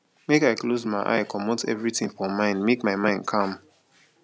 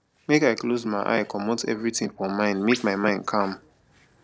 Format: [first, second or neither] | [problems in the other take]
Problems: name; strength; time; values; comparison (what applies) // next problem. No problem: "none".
first | noise reduction (neural separator model SepFormer DNS4)